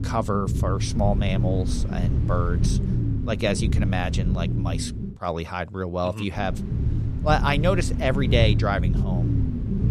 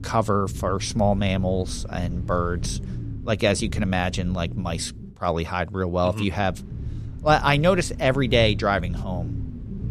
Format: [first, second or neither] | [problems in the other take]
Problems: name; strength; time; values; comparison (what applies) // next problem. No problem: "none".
second | low rumble; loud; until 5 s and from 6.5 s on; 9 dB below the speech; faint in the second